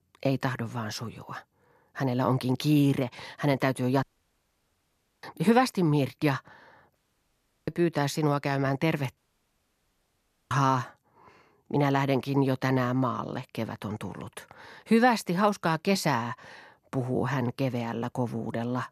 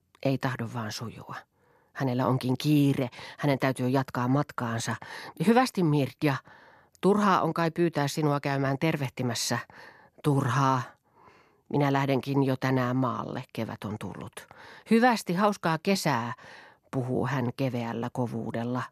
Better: second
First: audio cutting out; at 4 s for 1 s, at 7 s for 0.5 s and at 9 s for 1.5 s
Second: none

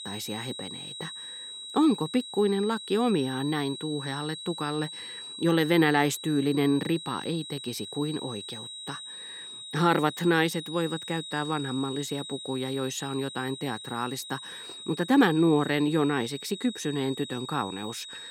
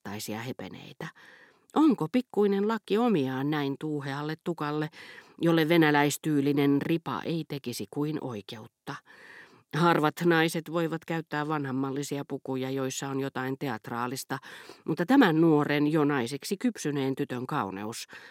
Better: second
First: high-pitched whine; noticeable; throughout; 4 kHz, 10 dB below the speech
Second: none

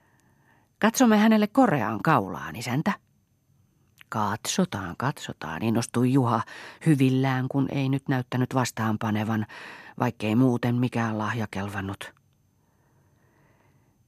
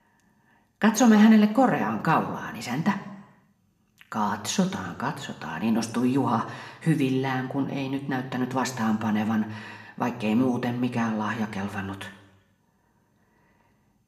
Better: first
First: none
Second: room echo; very slight; dies away in 0.8 s

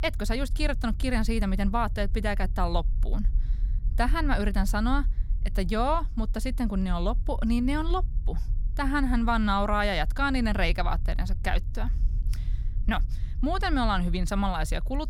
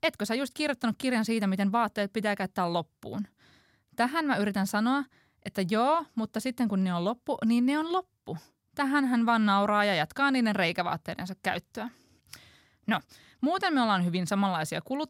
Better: second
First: low rumble; faint; throughout; 25 dB below the speech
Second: none

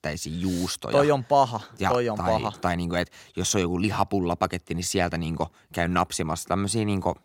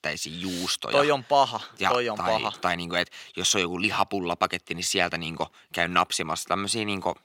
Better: first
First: none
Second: thin; very slightly; fading below 300 Hz

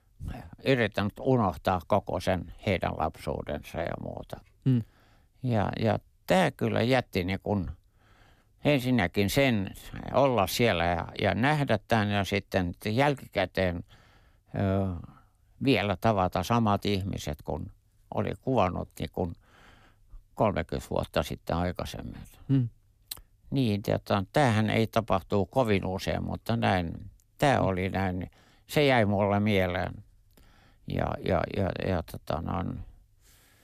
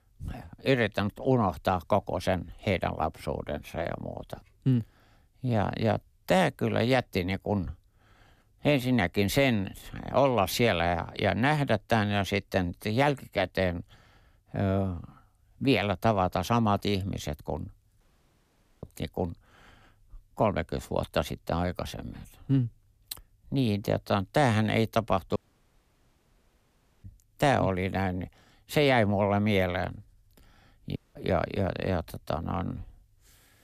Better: first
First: none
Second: audio cutting out; at 18 s for 1 s, at 25 s for 1.5 s and at 31 s

